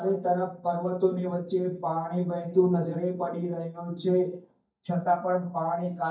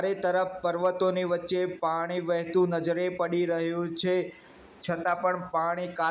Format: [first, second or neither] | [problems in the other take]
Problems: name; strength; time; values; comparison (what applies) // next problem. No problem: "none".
second | noise reduction (neural mask model DeepFilterNet 3)